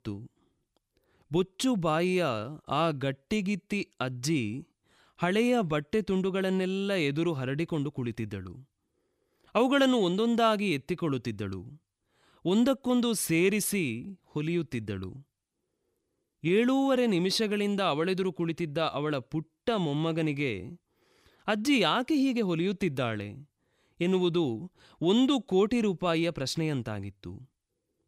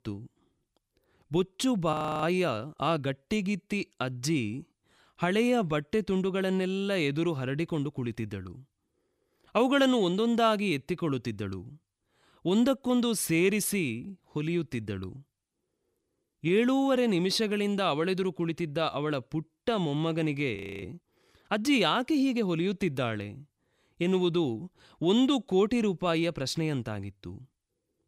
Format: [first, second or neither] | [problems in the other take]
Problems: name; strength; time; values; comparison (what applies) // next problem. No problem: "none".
first | audio freezing; at 2 s and at 21 s